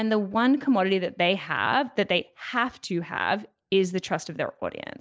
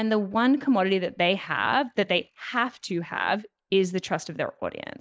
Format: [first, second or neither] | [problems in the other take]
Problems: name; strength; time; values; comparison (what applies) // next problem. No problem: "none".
first | noise reduction (neural mask model Resemble Enhance denoiser)